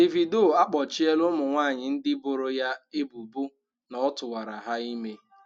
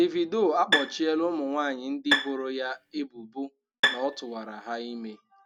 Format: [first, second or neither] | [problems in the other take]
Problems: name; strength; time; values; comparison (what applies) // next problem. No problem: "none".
first | background sound (Bowed string instrument); 1 dB below the speech